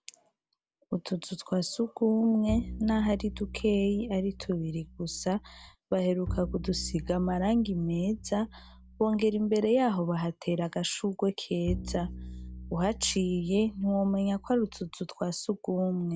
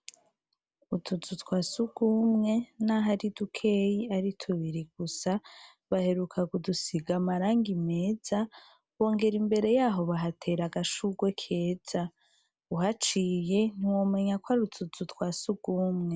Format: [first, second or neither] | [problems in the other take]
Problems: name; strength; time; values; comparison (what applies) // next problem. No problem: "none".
second | background sound (Bowed string instrument); 12 dB below the speech